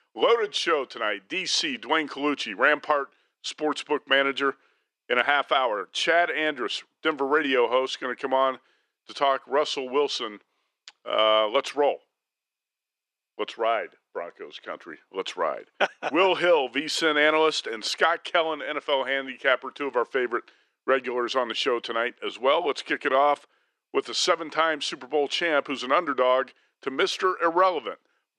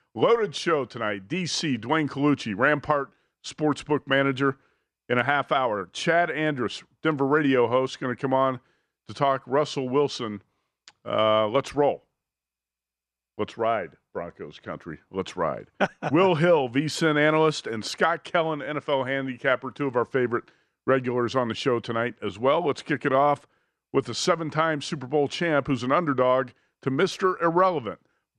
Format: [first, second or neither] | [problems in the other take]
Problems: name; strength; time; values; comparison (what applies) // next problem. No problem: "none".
second | thin; somewhat; fading below 350 Hz